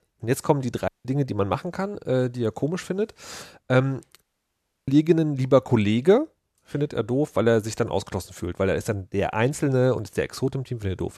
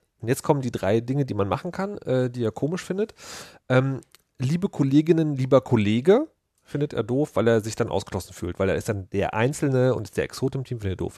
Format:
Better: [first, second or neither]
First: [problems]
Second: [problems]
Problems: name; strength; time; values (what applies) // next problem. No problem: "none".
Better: second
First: audio cutting out; at 1 s and at 4 s for 0.5 s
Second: none